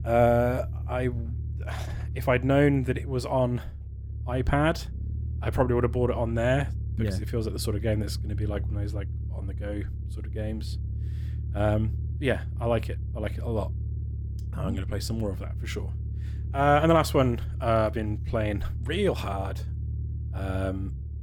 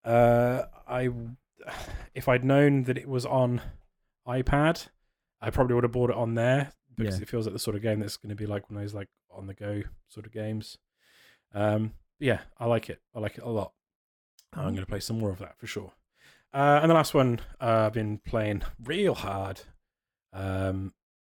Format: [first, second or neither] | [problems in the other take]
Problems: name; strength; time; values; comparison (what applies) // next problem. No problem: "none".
second | low rumble; faint; throughout; 20 dB below the speech